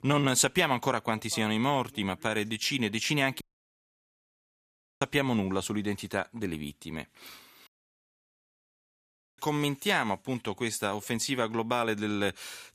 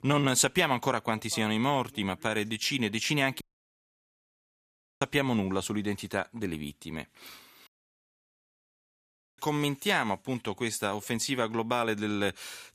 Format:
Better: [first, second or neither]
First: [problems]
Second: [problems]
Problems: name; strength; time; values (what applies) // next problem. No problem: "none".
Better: neither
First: audio cutting out; at 3.5 s for 1.5 s and at 7.5 s for 1.5 s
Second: audio cutting out; at 3.5 s for 1.5 s and at 7.5 s for 1.5 s